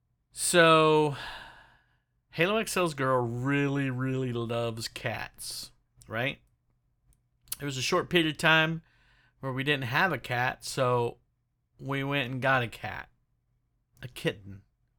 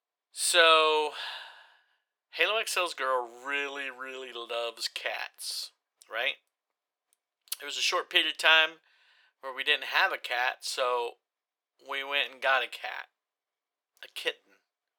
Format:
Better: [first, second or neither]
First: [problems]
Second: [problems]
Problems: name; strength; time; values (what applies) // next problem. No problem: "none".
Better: first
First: none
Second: thin; very; fading below 500 Hz